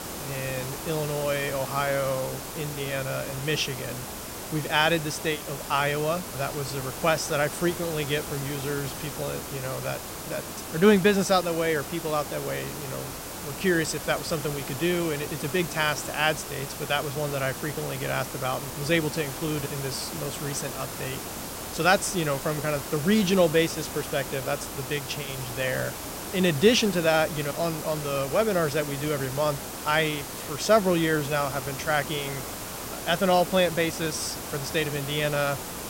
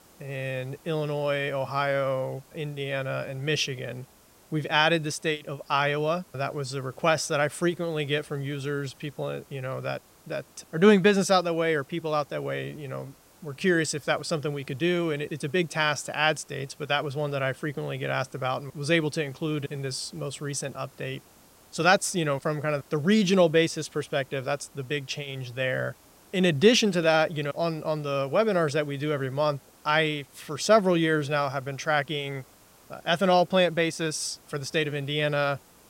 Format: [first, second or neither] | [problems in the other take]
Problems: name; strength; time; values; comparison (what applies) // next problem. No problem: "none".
second | hiss; loud; throughout; 8 dB below the speech; faint in the second